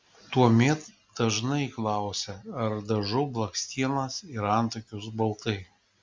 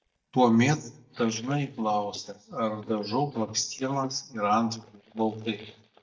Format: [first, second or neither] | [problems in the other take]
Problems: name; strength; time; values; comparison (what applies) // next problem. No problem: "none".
first | noise reduction (neural mask model DeepFilterNet 3)